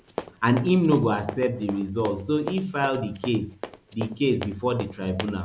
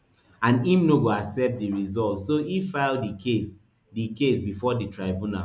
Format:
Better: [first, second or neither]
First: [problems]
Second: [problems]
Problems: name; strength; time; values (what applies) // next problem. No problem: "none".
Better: second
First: background sound (Run); 13 dB below the speech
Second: none